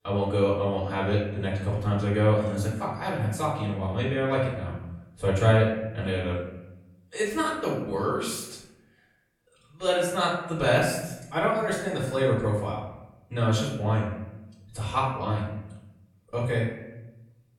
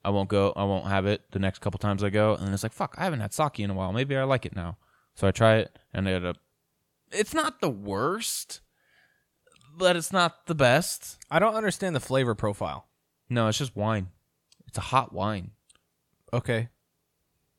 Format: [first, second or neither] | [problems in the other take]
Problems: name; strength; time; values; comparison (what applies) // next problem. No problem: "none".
second | off-mic speech; far // room echo; noticeable; dies away in 0.8 s